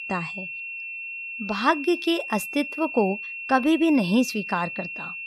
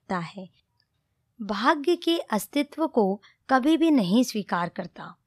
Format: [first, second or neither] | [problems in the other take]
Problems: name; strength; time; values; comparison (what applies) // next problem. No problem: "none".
second | high-pitched whine; loud; throughout; 2.5 kHz, 8 dB below the speech